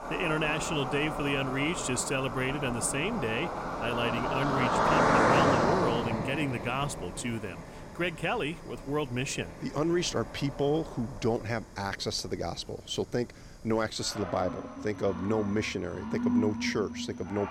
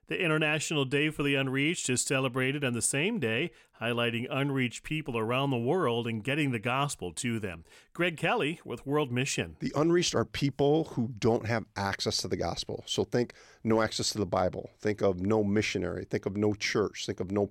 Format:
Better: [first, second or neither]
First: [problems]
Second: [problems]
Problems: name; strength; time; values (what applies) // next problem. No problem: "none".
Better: second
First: animal sounds; very loud; throughout; 1 dB above the speech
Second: none